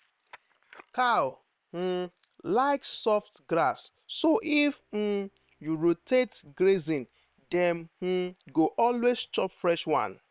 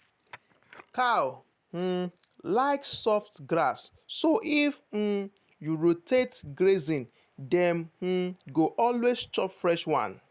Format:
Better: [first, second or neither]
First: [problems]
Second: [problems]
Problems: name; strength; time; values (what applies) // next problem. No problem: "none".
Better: second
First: noise reduction (neural separator model SepFormer WHAM!)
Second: none